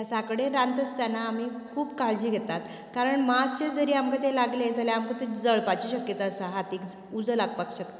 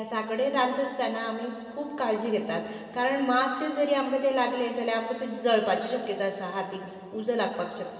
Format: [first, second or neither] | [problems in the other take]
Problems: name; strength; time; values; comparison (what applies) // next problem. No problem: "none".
first | room echo; dies away in 2.5 s